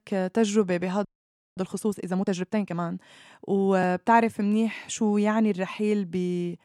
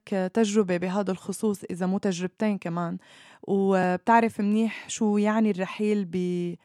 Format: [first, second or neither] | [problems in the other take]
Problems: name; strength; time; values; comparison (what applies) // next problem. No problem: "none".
second | audio freezing; at 1 s for 0.5 s